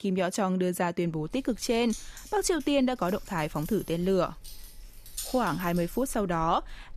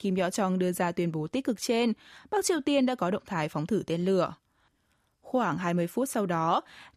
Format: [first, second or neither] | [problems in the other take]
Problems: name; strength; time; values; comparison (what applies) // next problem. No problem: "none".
second | jangling keys; noticeable; from 1 s on; peak 8 dB below the speech